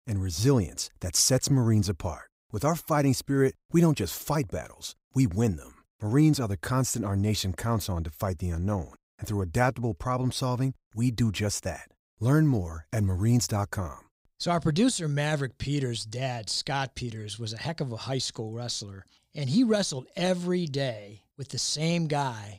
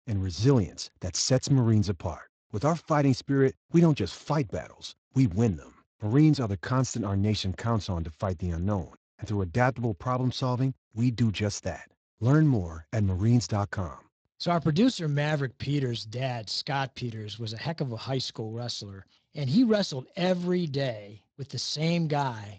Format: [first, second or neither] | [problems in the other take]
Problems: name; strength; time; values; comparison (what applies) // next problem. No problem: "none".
first | garbled, watery; slightly; nothing above 7.5 kHz